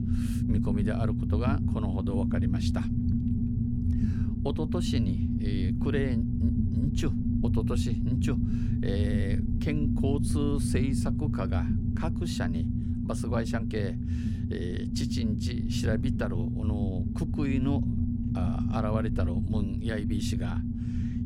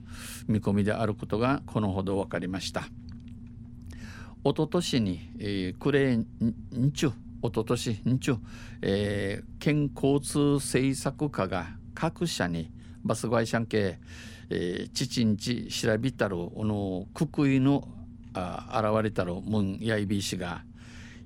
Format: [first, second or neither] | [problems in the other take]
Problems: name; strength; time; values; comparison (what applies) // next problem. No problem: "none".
second | low rumble; loud; throughout; 1 dB below the speech; faint in the second